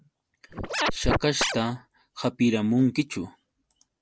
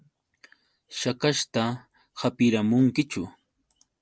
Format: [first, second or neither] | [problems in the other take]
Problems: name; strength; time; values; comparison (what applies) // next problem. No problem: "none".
second | background sound (Scratching (performance technique)); as loud as the speech